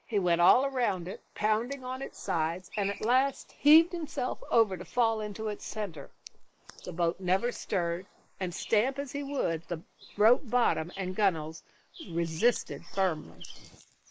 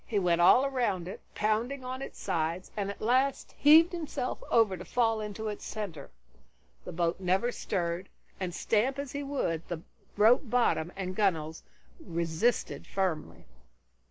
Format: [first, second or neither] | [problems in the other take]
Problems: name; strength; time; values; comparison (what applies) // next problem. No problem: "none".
second | noise reduction (neural mask model Resemble Enhance denoiser)